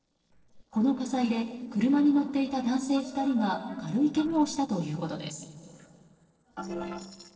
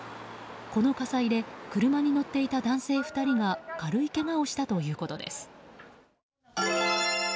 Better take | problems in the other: second | noise reduction (neural separator model SepFormer DNS4)

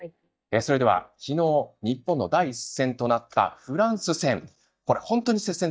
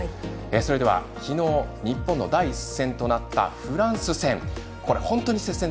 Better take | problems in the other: second | noise reduction (neural mask model DeepFilterNet 3)

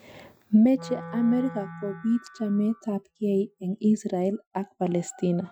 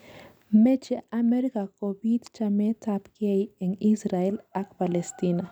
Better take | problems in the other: second | noise reduction (classical method Wiener filter)

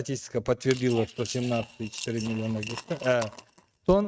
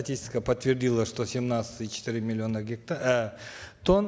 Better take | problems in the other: second | noise reduction (neural mask model RNNoise)

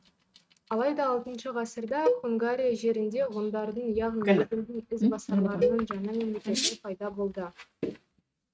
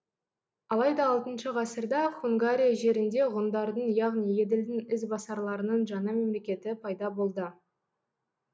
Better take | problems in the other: second | noise reduction (neural mask model RNNoise)

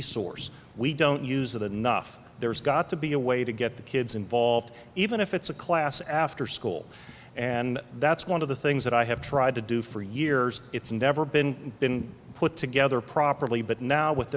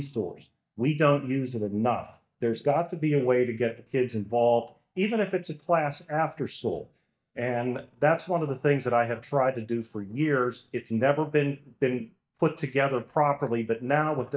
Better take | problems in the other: first | noise reduction (neural mask model DeepFilterNet 3)

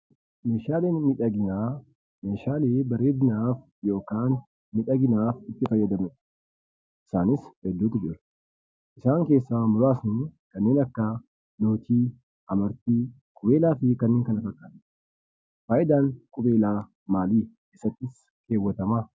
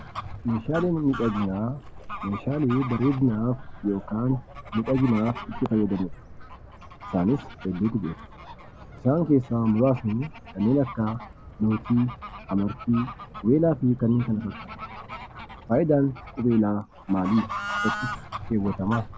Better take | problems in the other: first | background sound (Bird / Fowl); 12 dB below the speech

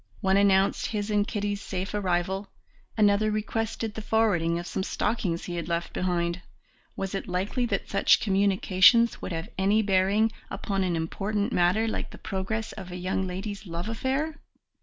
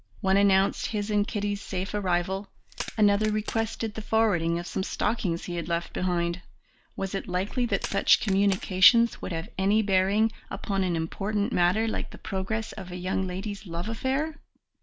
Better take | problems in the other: first | background sound (Crack); 14 dB below the speech

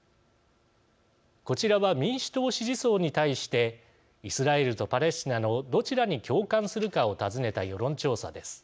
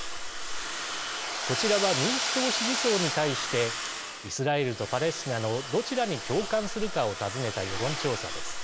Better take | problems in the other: first | background sound (Domestic sounds, home sounds); 2 dB below the speech

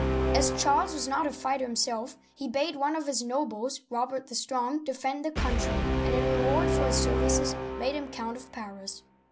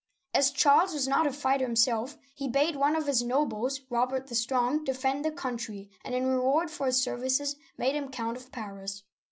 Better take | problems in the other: second | background sound (Brass instrument); as loud as the speech

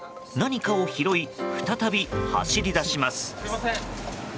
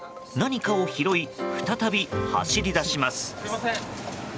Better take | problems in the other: second | background sound (Bass drum / Keyboard (musical)); 14 dB below the speech

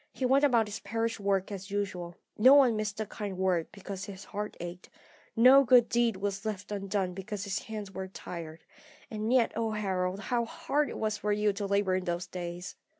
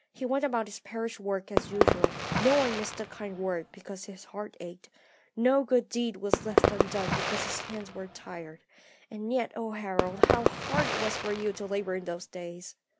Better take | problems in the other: first | background sound (Fireworks); 3 dB above the speech

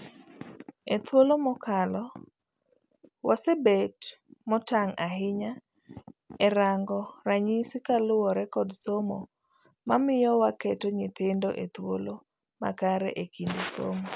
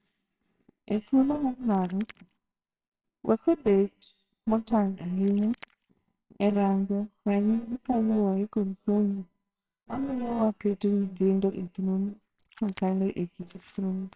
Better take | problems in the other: first | noise reduction (neural separator model SepFormer WHAMR!)

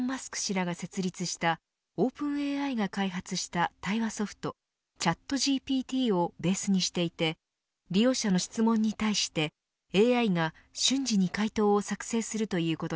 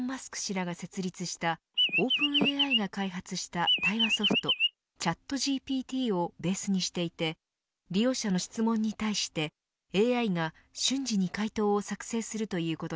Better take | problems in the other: first | background sound (Chirp, tweet); 4 dB above the speech

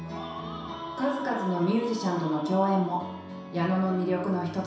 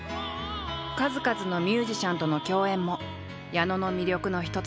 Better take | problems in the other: second | room echo; dies away in 0.7 s

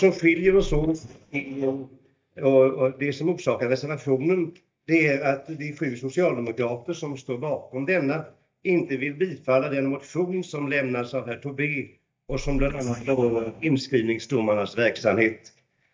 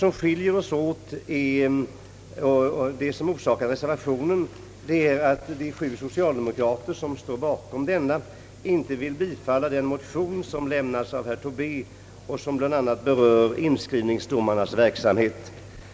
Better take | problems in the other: second | noise reduction (neural mask model DeepFilterNet 3)

